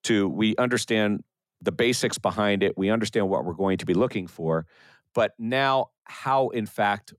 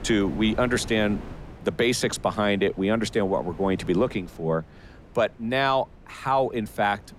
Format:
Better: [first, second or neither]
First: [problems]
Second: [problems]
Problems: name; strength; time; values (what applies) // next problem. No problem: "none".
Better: first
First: none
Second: wind noise on the microphone; occasional gusts; 20 dB below the speech